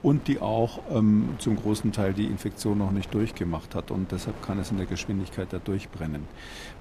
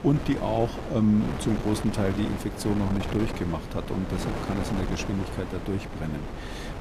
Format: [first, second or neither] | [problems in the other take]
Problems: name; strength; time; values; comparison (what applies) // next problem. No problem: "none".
first | wind noise on the microphone; heavy; 4 dB below the speech; occasional gusts in the first